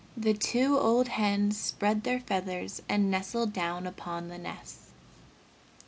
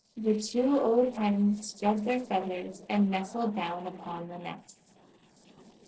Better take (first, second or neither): first